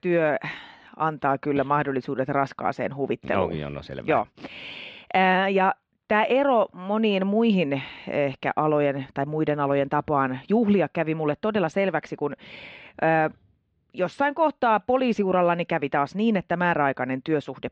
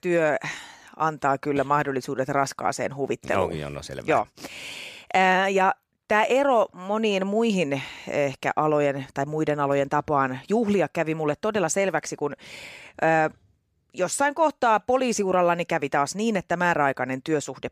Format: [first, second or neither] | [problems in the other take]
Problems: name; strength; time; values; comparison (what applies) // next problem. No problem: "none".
second | muffled; very; fading above 3.5 kHz